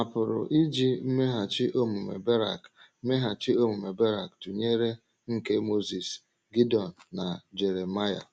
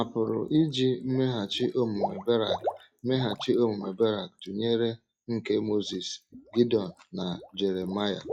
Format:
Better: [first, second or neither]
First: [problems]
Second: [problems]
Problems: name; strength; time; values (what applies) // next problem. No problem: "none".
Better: first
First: none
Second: noise reduction (classical method log-MMSE)